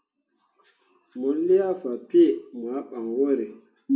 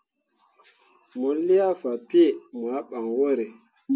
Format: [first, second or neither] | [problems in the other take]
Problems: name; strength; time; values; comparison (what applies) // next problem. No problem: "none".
second | room echo; dies away in 0.3 s